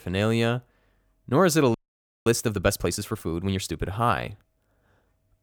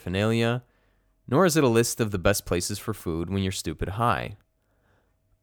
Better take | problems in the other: second | audio freezing; at 2 s for 0.5 s

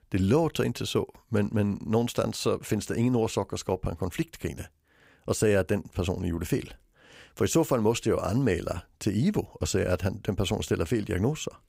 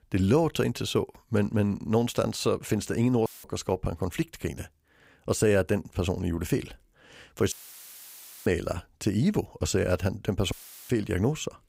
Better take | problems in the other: first | audio cutting out; filled with static; at 3.5 s, at 7.5 s for 1 s and at 11 s

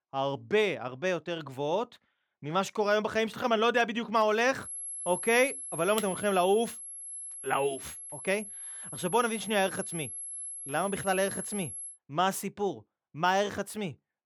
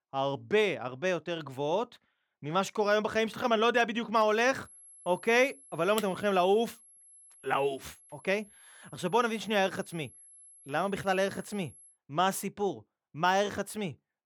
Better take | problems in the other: second | high-pitched whine; loud; from 4.5 to 12 s; 11 kHz, 8 dB below the speech; faint in the second

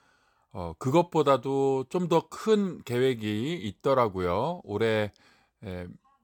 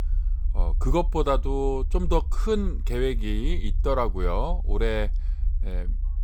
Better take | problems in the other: first | low rumble; faint; throughout; 25 dB below the speech

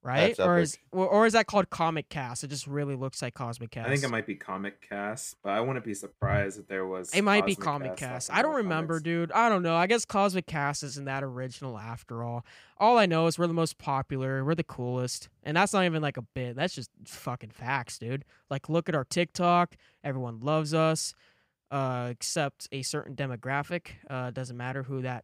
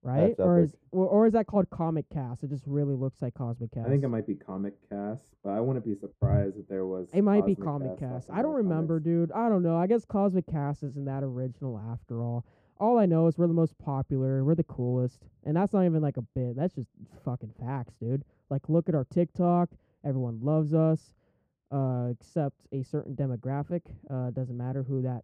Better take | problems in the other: first | muffled; very; fading above 1 kHz

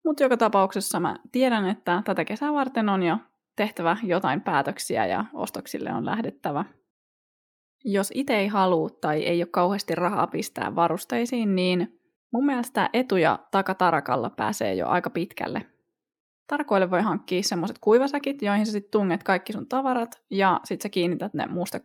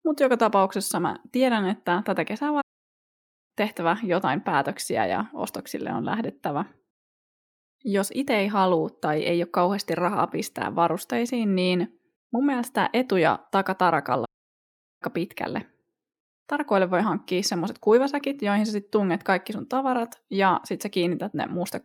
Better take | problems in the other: first | audio cutting out; at 2.5 s for 1 s and at 14 s for 1 s

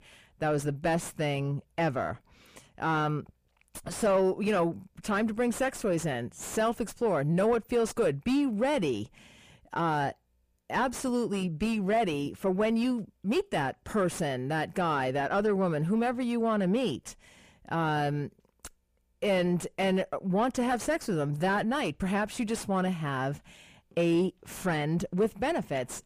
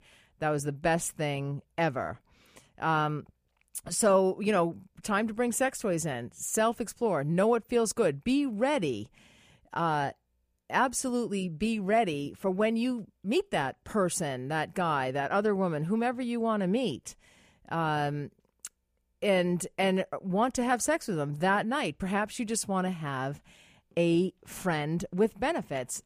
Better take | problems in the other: second | distortion; slight; 10 dB below the speech

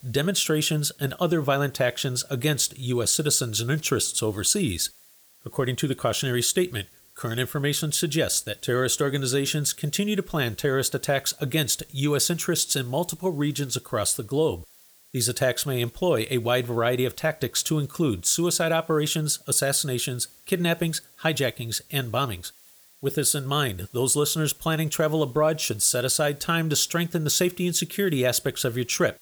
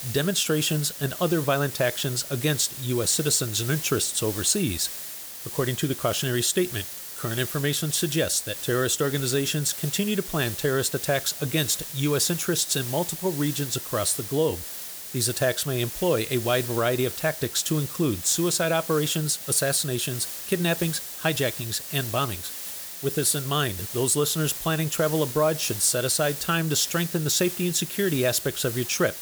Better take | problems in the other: first | hiss; loud; throughout; 7 dB below the speech; faint in the first

